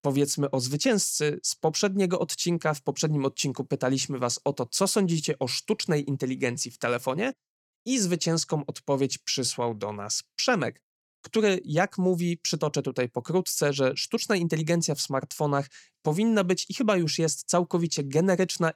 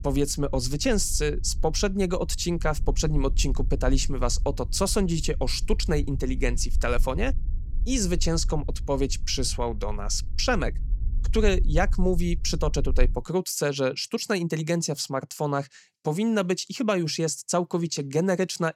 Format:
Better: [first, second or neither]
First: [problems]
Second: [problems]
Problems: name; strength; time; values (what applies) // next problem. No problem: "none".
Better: first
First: none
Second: low rumble; faint; until 13 s; 25 dB below the speech